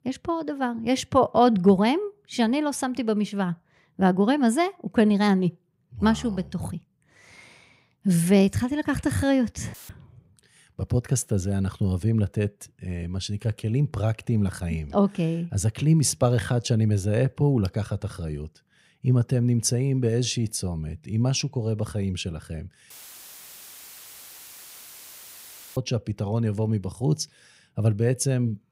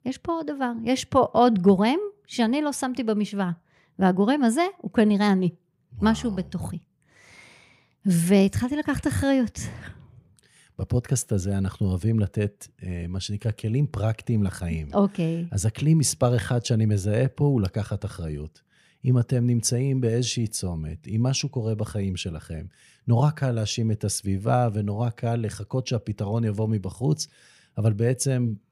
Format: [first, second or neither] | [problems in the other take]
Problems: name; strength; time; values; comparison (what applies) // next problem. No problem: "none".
second | audio cutting out; filled with static; at 9.5 s and at 23 s for 3 s